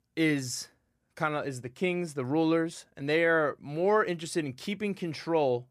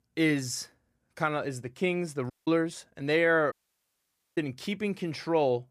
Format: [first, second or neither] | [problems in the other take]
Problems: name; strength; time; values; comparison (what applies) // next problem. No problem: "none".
first | audio cutting out; at 2.5 s and at 3.5 s for 1 s